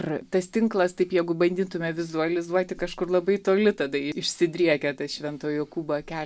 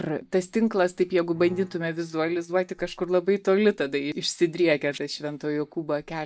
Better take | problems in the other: first | noise reduction (neural mask model DeepFilterNet 3)

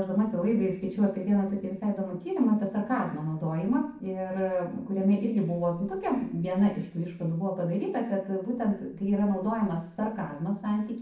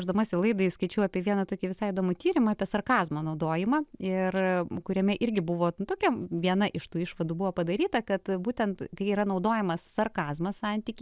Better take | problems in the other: second | noise reduction (neural separator model SepFormer DNS4)

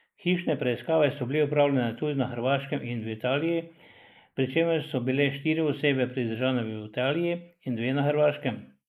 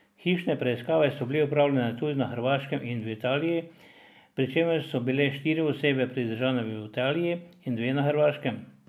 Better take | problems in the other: second | noise reduction (neural mask model Resemble Enhance denoiser)

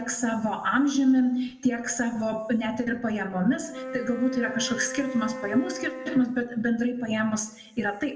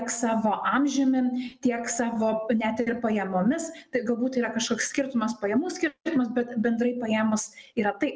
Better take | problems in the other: second | background sound (Wind instrument, woodwind instrument); 11 dB below the speech // room echo; dies away in 0.9 s

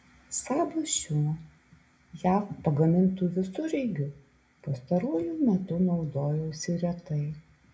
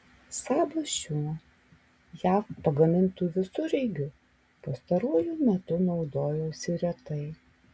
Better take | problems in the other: second | room echo; dies away in 0.2 s

